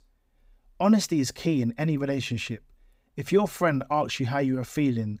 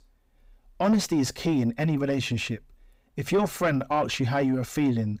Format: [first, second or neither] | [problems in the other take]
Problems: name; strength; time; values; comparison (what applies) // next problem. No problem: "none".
first | distortion; slight; 10 dB below the speech